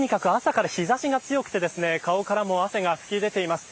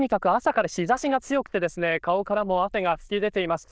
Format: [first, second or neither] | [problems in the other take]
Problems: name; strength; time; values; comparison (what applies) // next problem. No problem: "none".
first | noise reduction (neural diffusion model UNIVERSE++)